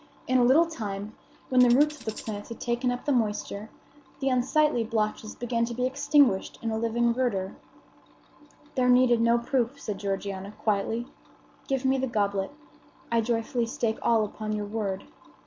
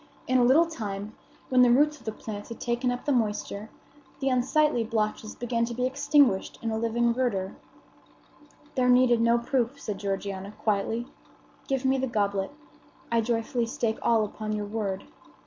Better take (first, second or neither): second